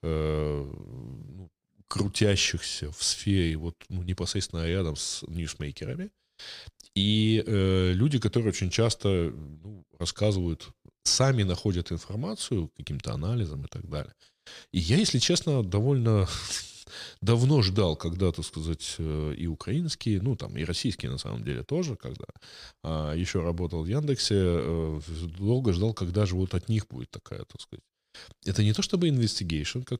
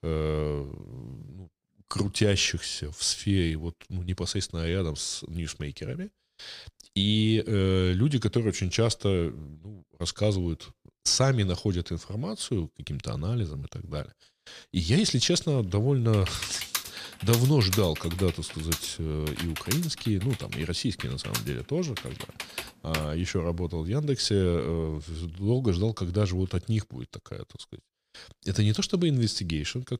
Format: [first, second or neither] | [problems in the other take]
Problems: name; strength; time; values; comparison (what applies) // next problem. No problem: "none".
first | keyboard typing; noticeable; from 16 to 23 s; peak 3 dB below the speech